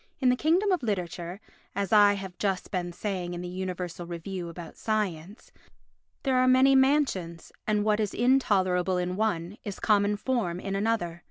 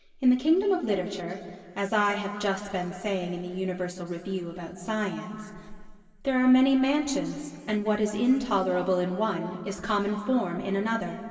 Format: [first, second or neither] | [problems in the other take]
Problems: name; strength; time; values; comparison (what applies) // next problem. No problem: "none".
first | room echo; dies away in 2.2 s